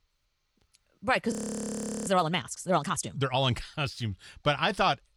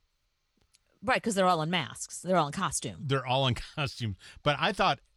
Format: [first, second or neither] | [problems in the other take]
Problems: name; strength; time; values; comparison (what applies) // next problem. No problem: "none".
second | audio freezing; at 1.5 s for 0.5 s